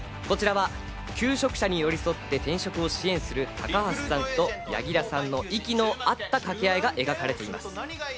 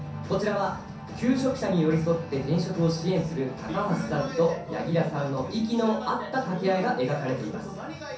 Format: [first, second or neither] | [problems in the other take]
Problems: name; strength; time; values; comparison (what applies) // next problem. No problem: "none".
first | room echo; dies away in 0.6 s